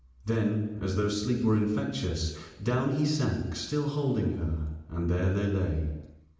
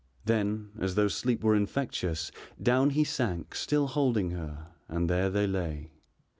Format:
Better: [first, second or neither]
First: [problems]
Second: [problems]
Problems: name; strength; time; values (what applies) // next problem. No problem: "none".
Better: second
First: room echo; dies away in 0.9 s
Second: none